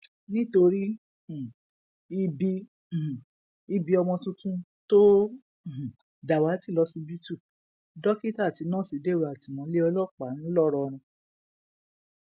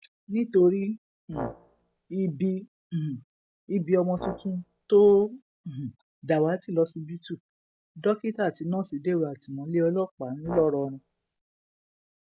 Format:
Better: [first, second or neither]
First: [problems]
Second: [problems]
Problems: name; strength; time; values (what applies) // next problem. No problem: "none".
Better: first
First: none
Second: background sound (Brass instrument); 12 dB below the speech